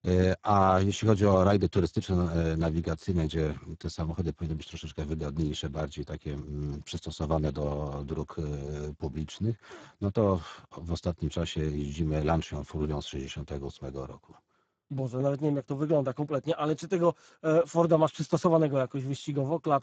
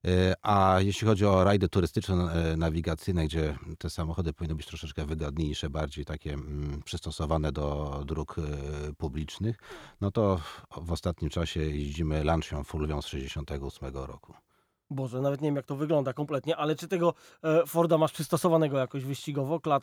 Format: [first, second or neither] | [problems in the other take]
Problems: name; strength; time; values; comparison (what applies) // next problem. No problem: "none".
second | garbled, watery; badly; nothing above 7.5 kHz